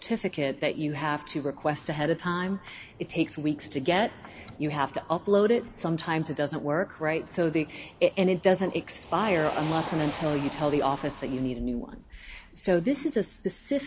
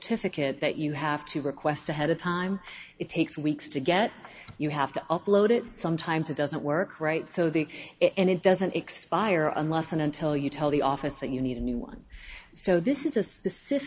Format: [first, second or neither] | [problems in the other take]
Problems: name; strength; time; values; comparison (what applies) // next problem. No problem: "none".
second | background sound (Motor vehicle (road)); 17 dB below the speech